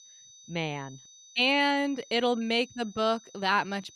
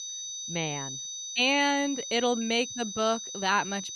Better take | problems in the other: first | high-pitched whine; loud; throughout; 6 kHz, 7 dB below the speech; faint in the first

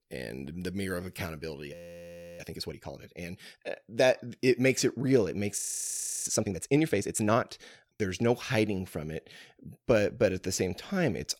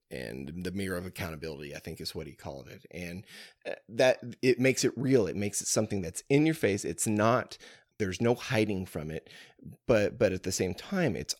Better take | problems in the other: second | audio freezing; at 1.5 s for 0.5 s and at 5.5 s for 0.5 s

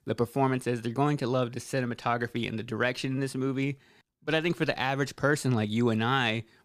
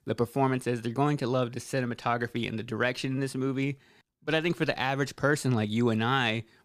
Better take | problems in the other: neither | none

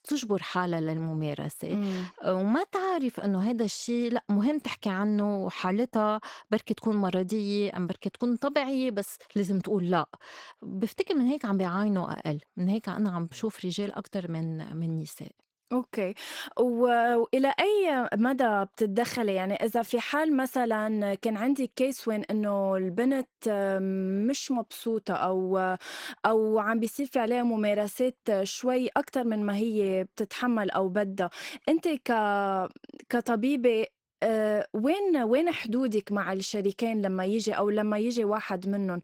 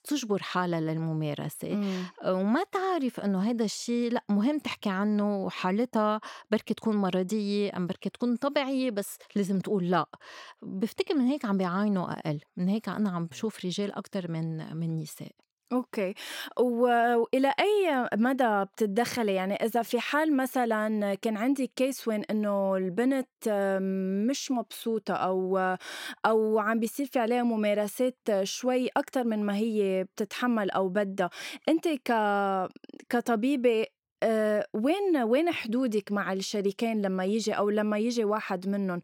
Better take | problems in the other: second | garbled, watery; slightly; nothing above 16.5 kHz

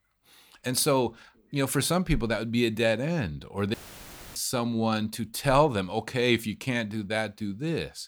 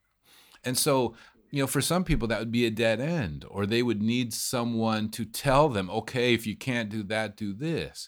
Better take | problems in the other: second | audio cutting out; filled with static; at 3.5 s for 0.5 s

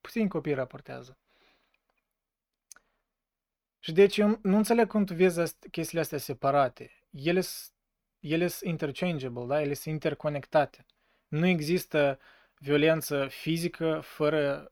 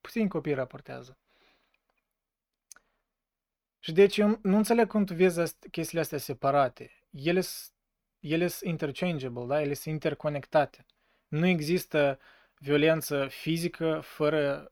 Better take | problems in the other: neither | none

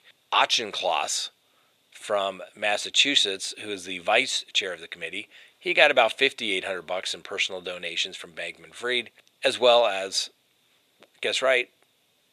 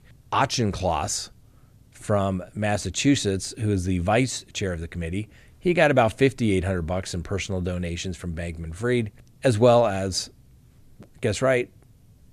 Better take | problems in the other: second | thin; very; fading below 600 Hz

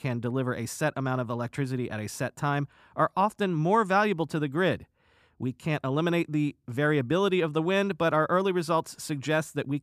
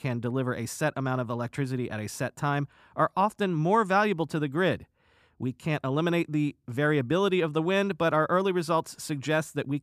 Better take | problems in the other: neither | none

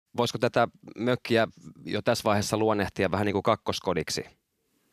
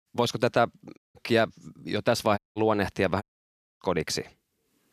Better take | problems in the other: first | audio cutting out; at 1 s, at 2.5 s and at 3 s for 0.5 s

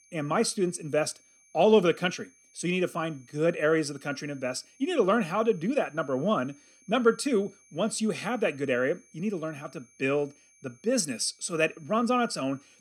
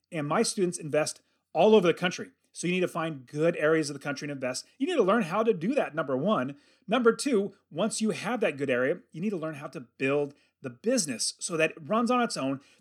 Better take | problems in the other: second | high-pitched whine; faint; throughout; 6.5 kHz, 30 dB below the speech

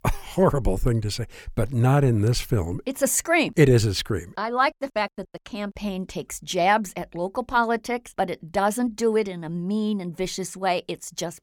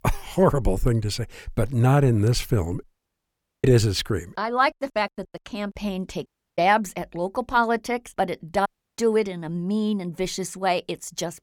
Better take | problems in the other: first | audio cutting out; at 3 s for 1 s, at 6.5 s and at 8.5 s

